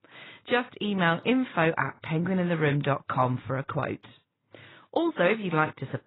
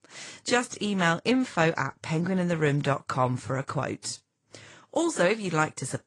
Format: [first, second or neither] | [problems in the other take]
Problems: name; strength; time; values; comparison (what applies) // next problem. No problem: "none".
second | garbled, watery; badly; nothing above 4 kHz; slightly in the second